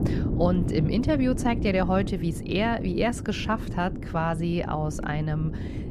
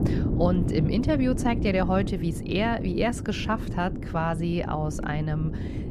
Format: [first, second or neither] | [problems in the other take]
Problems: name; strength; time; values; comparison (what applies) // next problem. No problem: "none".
first | wind noise on the microphone; heavy; 9 dB below the speech; occasional gusts in the first